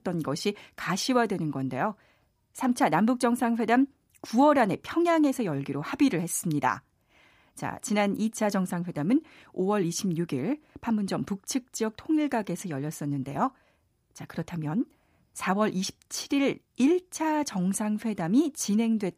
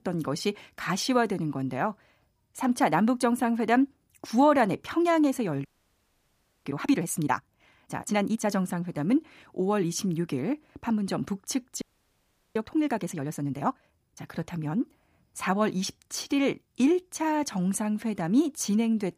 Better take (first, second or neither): first